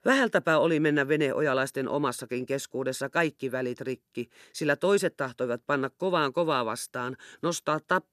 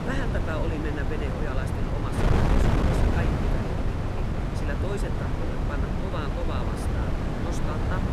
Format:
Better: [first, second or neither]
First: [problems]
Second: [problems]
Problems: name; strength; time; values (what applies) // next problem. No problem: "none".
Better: first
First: none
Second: wind noise on the microphone; heavy; 4 dB above the speech